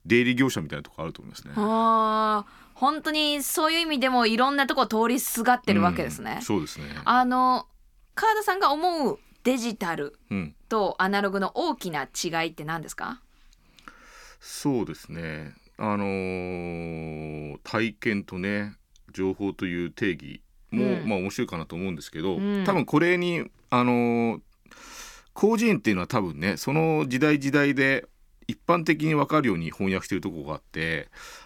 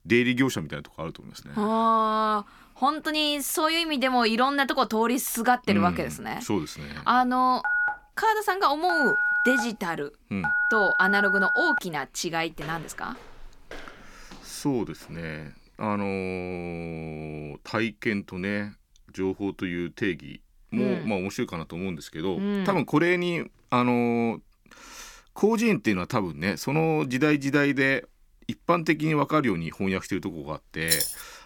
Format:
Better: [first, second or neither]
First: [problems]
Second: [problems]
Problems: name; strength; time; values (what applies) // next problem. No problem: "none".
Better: first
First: none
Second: phone ringing; loud; from 7.5 to 12 s; peak 4 dB above the speech // footsteps; faint; from 12 to 16 s; peak 15 dB below the speech // jangling keys; loud; at 31 s; peak 2 dB above the speech